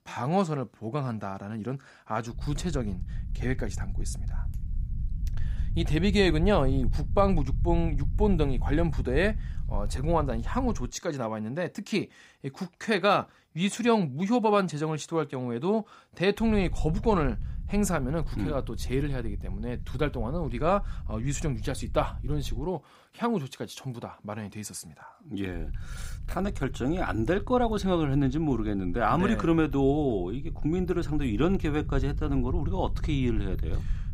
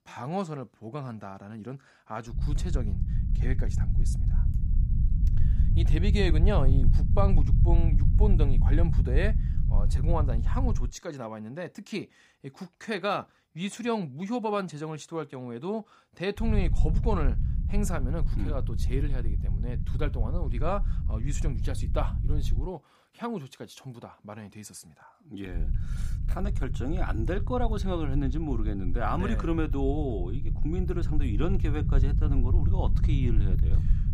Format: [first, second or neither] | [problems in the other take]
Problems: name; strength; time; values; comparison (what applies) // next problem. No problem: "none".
first | low rumble; loud; from 2.5 to 11 s, from 16 to 23 s and from 26 s on; 9 dB below the speech; faint in the first